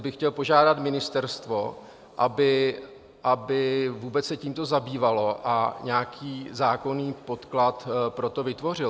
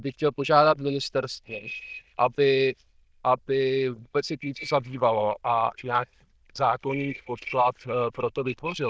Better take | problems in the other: first | noise reduction (neural diffusion model UNIVERSE++)

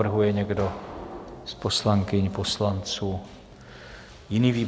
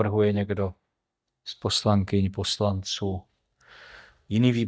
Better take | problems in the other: first | noise reduction (neural mask model DeepFilterNet 3)

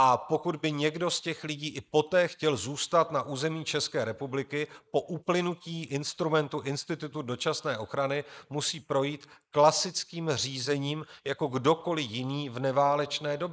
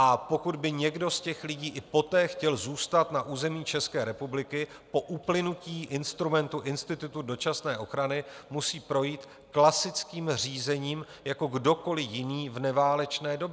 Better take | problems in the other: second | noise reduction (neural mask model Resemble Enhance denoiser)

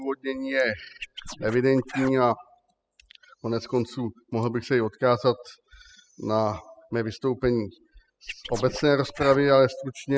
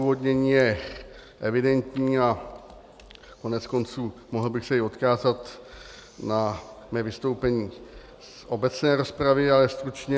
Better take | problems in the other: second | noise reduction (classical method spectral subtraction)

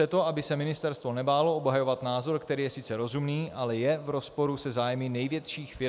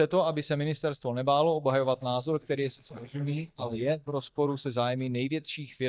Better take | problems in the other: first | noise reduction (neural mask model DeepFilterNet 3)

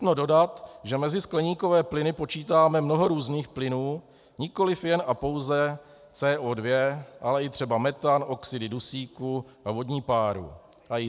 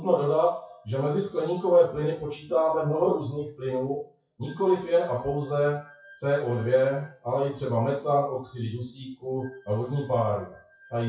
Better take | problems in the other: first | noise reduction (classical method WPE with log-MMSE)

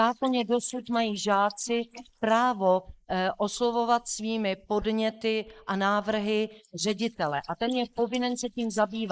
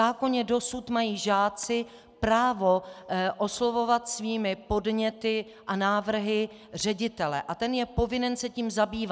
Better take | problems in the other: second | noise reduction (neural mask model Resemble Enhance denoiser)

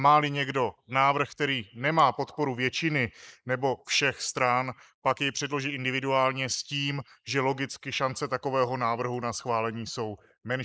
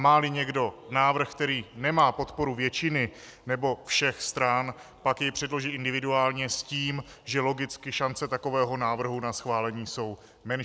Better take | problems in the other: second | noise reduction (neural mask model Resemble Enhance denoiser)

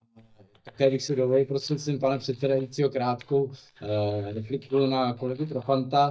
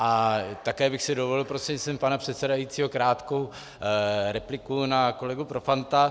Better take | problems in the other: second | noise reduction (neural mask model DeepFilterNet 3)

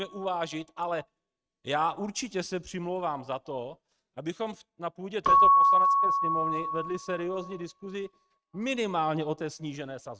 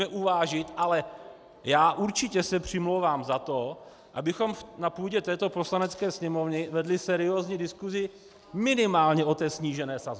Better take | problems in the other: second | noise reduction (neural mask model RNNoise)

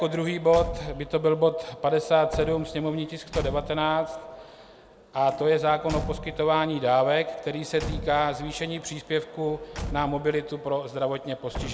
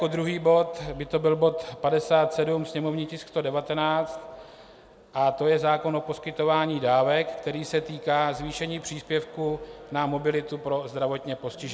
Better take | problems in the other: second | background sound (Slam / Truck / Car); 13 dB below the speech

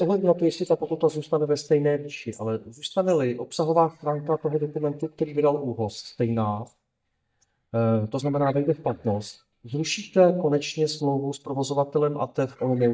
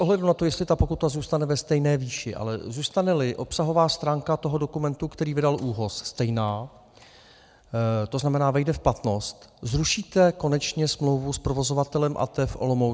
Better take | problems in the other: second | noise reduction (neural mask model DeepFilterNet 3)

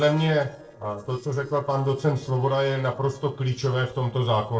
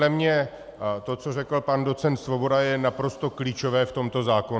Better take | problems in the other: second | noise reduction (neural separator model SepFormer DNS4)

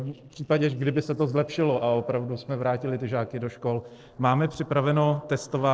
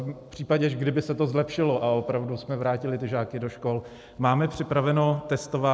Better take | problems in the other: second | noise reduction (neural separator model SepFormer DNS4)

